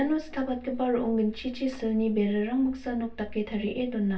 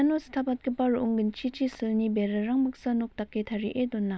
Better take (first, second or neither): second